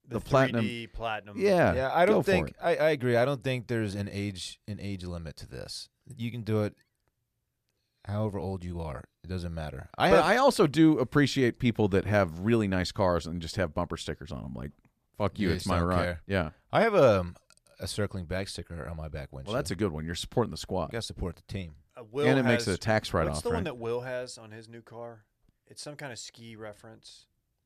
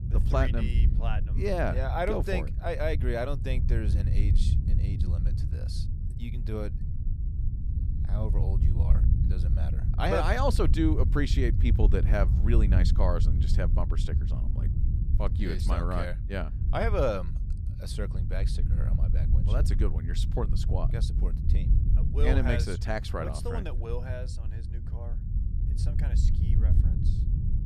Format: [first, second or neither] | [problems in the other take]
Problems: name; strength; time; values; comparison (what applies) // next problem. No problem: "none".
first | low rumble; noticeable; throughout; 10 dB below the speech